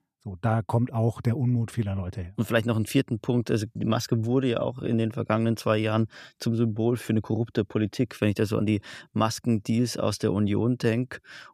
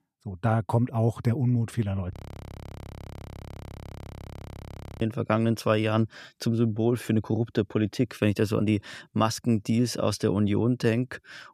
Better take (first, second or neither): first